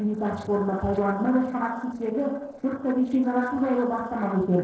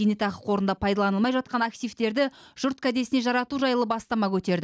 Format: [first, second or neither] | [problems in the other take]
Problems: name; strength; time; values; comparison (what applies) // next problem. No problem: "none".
second | noise reduction (neural separator model SepFormer DNS4)